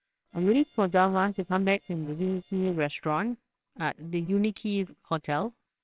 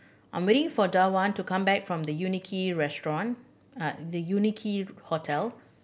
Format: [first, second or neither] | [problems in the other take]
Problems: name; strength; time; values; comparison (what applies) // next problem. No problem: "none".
second | noise reduction (neural separator model SepFormer WHAMR!)